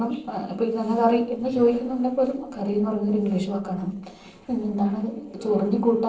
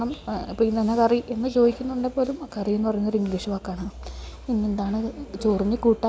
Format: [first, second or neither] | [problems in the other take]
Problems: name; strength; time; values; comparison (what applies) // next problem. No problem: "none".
second | noise reduction (neural separator model SepFormer DNS4)